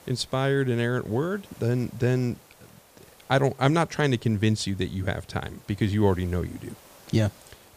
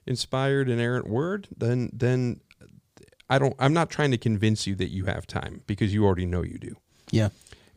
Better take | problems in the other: second | hiss; faint; throughout; 25 dB below the speech

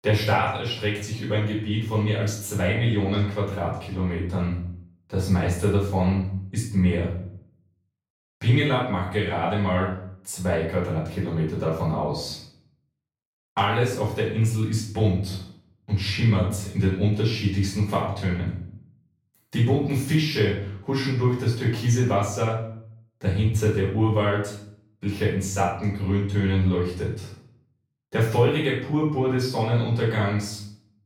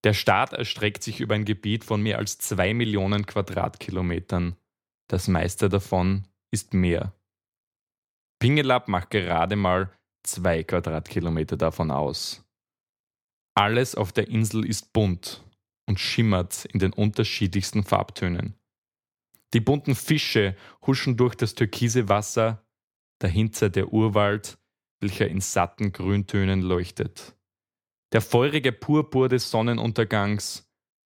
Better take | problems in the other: second | room echo; noticeable; dies away in 0.5 s // off-mic speech; far

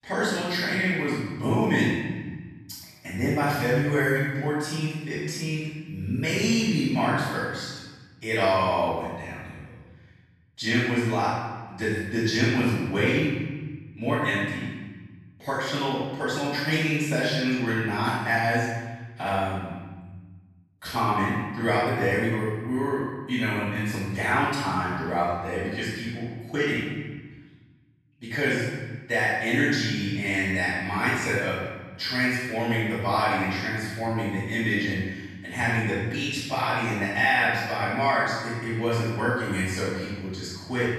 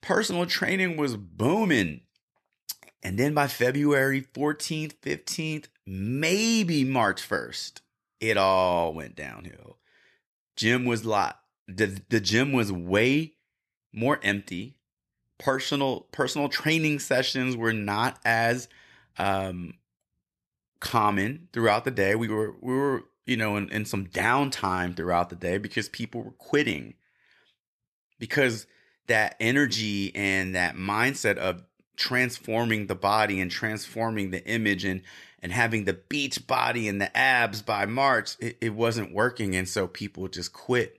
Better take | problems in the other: second | off-mic speech; far // room echo; strong; dies away in 1.5 s

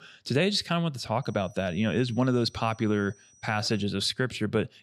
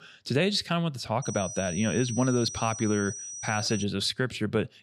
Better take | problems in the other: first | high-pitched whine; loud; from 1 to 4 s; 6 kHz, 8 dB below the speech; faint in the first

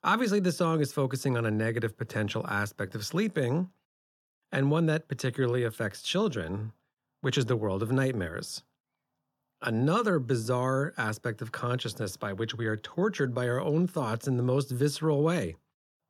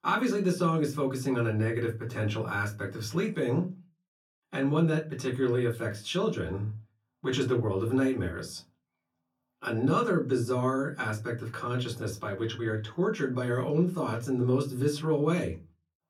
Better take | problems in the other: first | off-mic speech; far // room echo; very slight; dies away in 0.2 s

